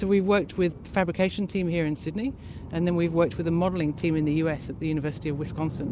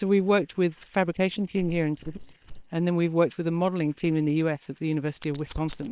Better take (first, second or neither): first